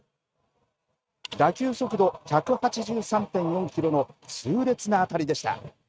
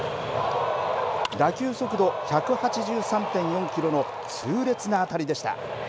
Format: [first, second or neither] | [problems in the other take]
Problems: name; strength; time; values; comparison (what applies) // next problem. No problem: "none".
second | noise reduction (neural mask model RNNoise)